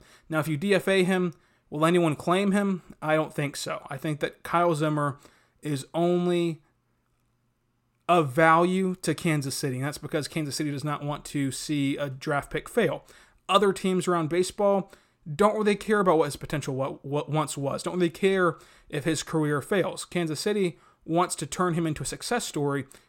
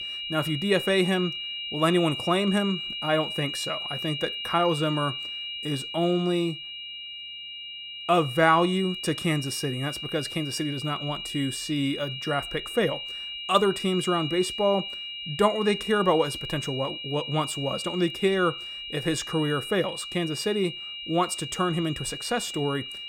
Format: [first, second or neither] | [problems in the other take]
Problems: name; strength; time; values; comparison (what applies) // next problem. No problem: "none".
first | high-pitched whine; loud; throughout; 3 kHz, 6 dB below the speech